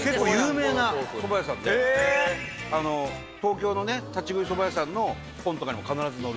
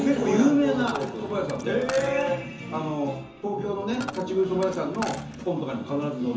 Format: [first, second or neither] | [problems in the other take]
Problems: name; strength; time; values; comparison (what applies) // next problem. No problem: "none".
first | background sound (Coin (dropping)); 16 dB below the speech // room echo; dies away in 0.9 s